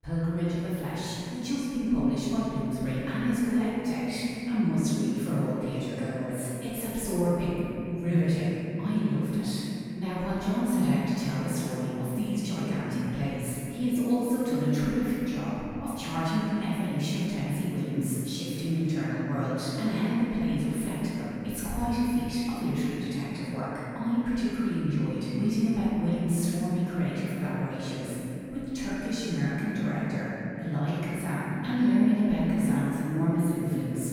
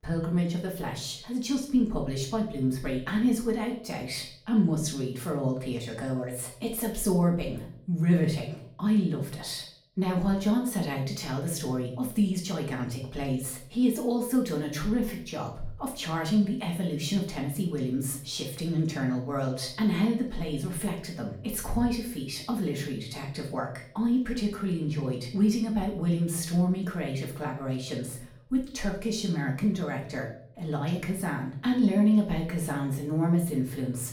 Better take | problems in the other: second | room echo; strong; dies away in 3 s; slight in the second // off-mic speech; far; far in the second

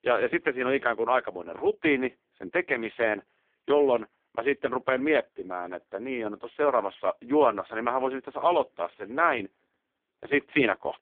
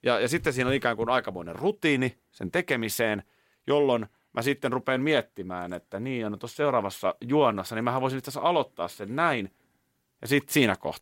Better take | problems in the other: second | phone-call audio; poor line

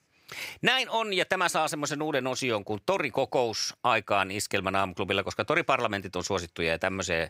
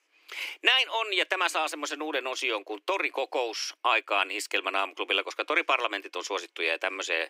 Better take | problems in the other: first | thin; somewhat; fading below 300 Hz

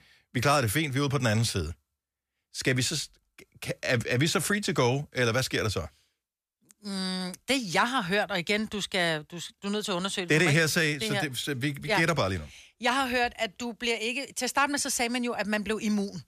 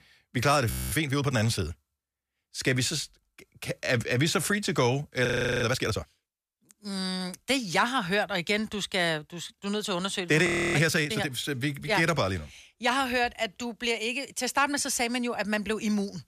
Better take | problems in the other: first | audio freezing; at 0.5 s, at 5.5 s and at 10 s

